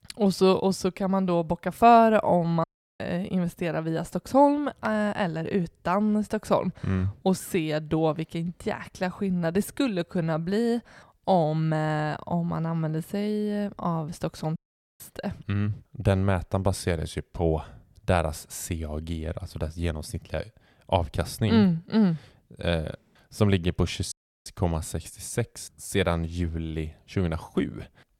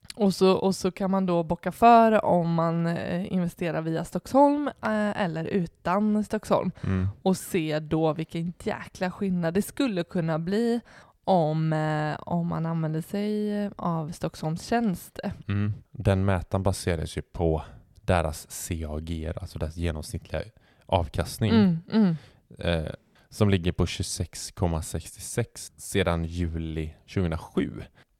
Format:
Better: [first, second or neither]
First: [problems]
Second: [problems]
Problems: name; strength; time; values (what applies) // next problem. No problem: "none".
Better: second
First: audio cutting out; at 2.5 s, at 15 s and at 24 s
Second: none